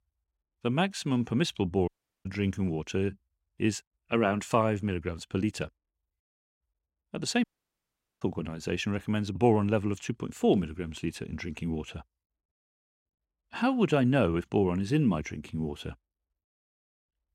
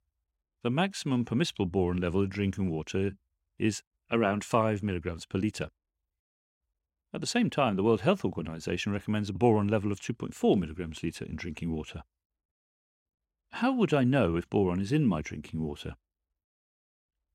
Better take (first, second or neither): second